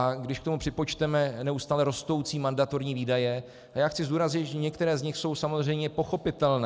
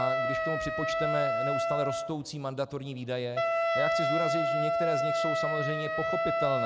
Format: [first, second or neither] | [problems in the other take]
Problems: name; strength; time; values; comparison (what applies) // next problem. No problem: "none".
first | background sound (Wind instrument, woodwind instrument); 5 dB above the speech